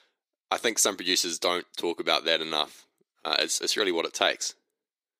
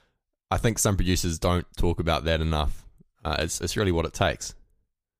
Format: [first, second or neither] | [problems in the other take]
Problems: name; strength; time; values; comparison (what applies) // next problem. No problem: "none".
second | thin; somewhat; fading below 300 Hz